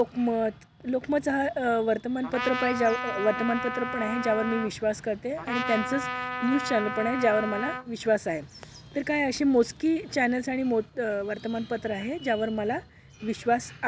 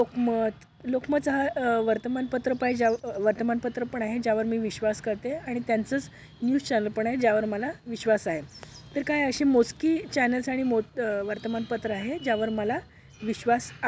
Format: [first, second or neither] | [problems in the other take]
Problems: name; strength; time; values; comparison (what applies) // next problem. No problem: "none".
second | background sound (Trumpet); 6 dB below the speech